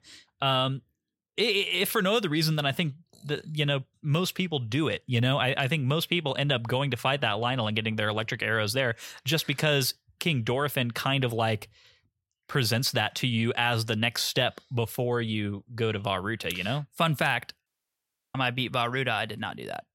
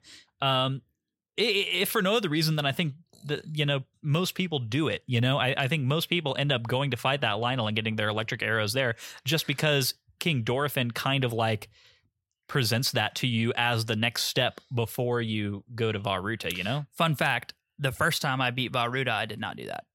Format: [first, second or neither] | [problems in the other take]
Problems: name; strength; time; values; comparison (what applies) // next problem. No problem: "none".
second | audio cutting out; at 18 s for 0.5 s